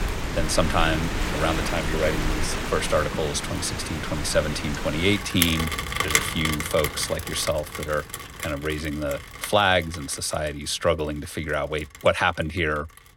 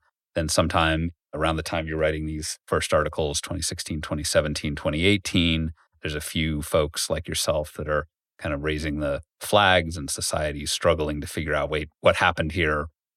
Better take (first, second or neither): second